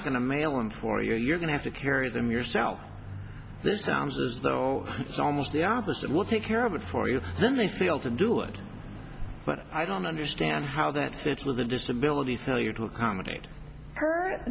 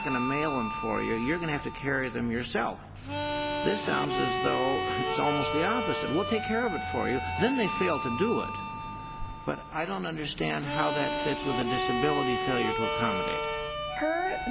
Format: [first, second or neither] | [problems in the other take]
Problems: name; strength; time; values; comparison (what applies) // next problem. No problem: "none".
first | background sound (Harmonica); 2 dB below the speech